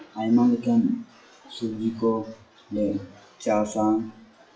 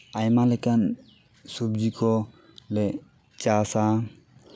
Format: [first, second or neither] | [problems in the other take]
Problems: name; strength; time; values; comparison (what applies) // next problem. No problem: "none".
second | noise reduction (classical method WPE with log-MMSE)